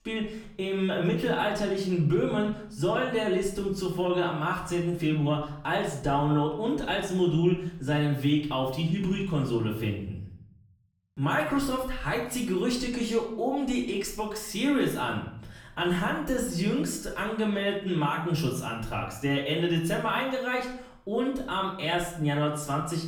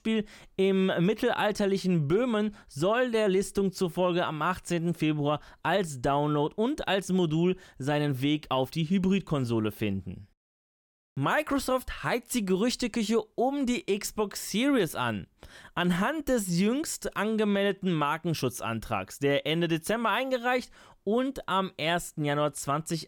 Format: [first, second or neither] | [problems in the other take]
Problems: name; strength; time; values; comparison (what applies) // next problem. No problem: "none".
second | off-mic speech; far // room echo; slight; dies away in 0.6 s